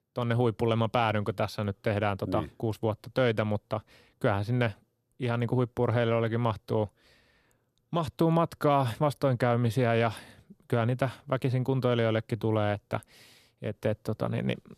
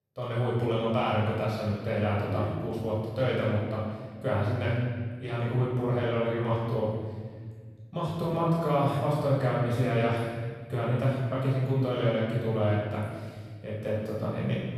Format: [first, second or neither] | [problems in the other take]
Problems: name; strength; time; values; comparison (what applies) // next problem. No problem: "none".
first | off-mic speech; far // room echo; strong; dies away in 1.6 s